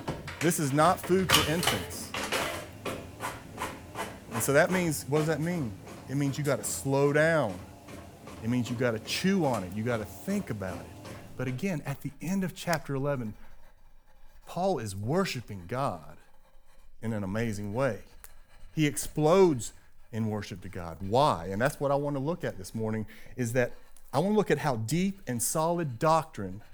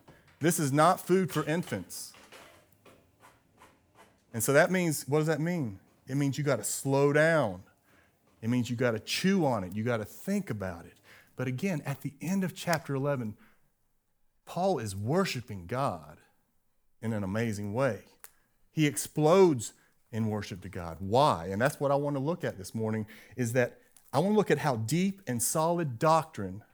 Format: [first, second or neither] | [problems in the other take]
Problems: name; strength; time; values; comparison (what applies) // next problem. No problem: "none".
second | household noises; loud; throughout; 6 dB below the speech; faint in the second